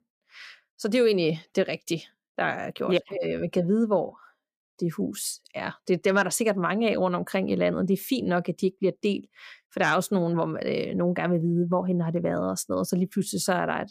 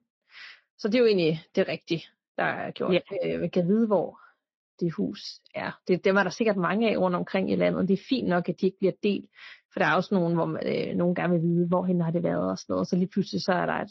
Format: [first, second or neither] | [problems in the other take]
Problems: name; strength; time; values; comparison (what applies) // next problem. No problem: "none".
first | garbled, watery; slightly